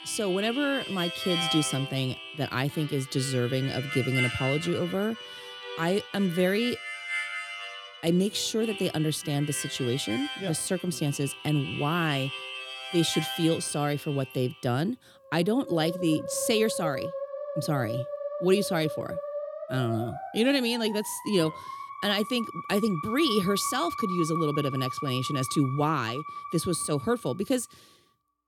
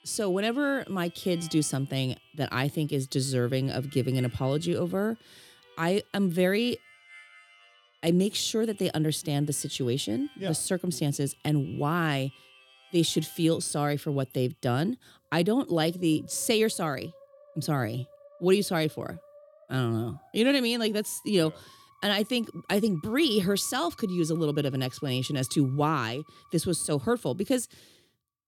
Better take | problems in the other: second | background music; loud; throughout; 7 dB below the speech; faint in the second

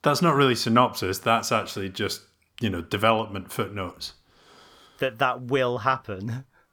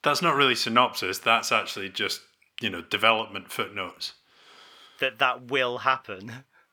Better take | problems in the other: first | thin; very slightly; fading below 350 Hz

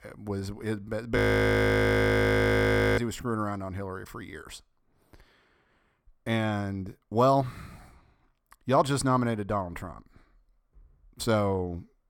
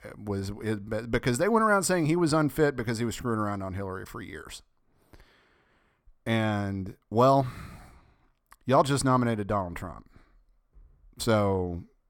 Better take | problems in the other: second | audio freezing; at 1 s for 2 s

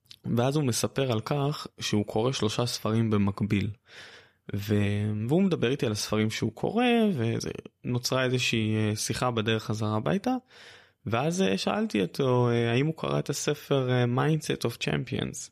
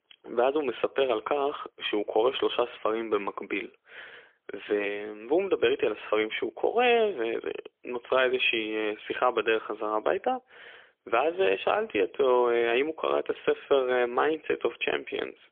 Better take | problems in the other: first | phone-call audio; poor line; nothing above 3.5 kHz

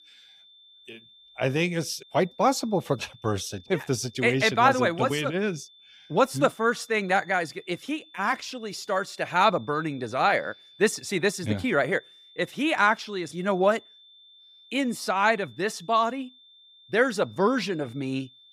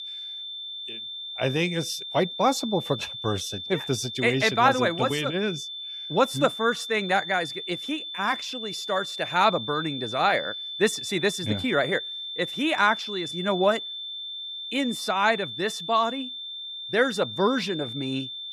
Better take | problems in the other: first | high-pitched whine; loud; throughout; 3.5 kHz, 7 dB below the speech; faint in the first

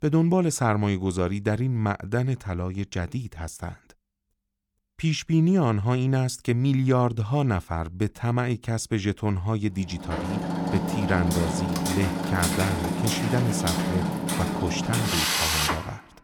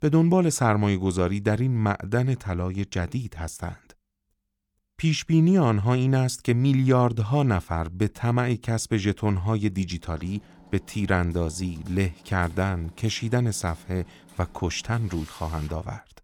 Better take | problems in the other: second | machinery noise; loud; from 10 s on; as loud as the speech; faint in the second

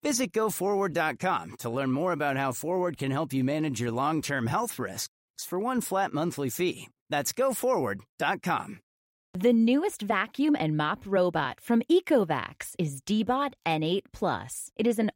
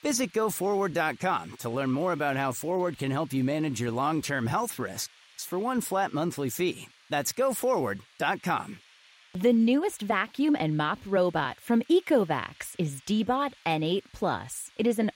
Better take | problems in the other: first | hiss; faint; throughout; 25 dB below the speech

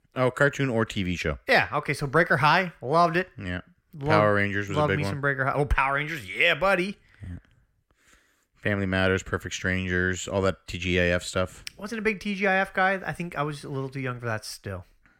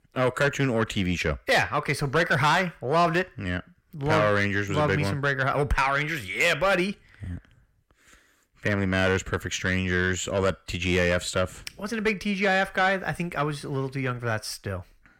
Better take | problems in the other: first | distortion; slight; 10 dB below the speech

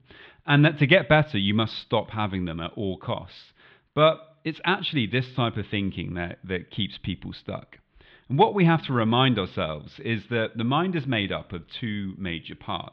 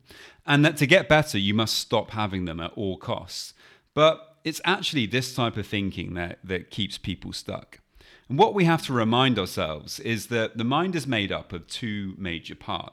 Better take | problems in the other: second | muffled; very; fading above 3.5 kHz

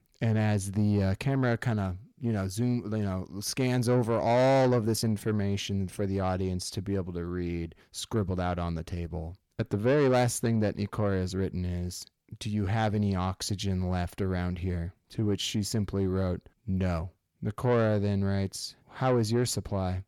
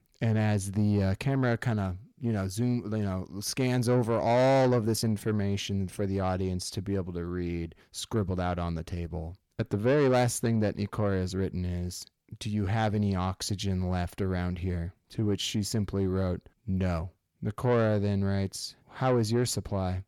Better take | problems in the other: neither | distortion; slight; 10 dB below the speech; the same in both

